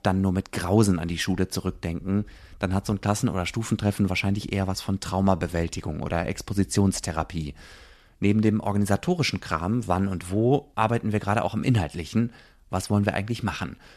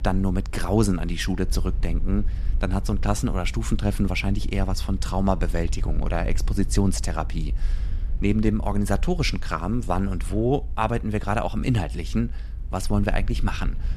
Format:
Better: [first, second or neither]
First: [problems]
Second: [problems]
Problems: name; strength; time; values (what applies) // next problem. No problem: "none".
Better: first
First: none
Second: low rumble; faint; throughout; 20 dB below the speech